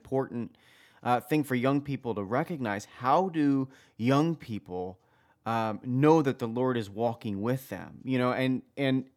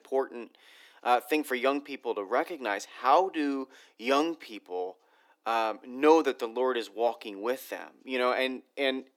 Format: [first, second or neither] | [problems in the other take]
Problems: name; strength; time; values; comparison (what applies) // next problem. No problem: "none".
first | thin; somewhat; fading below 350 Hz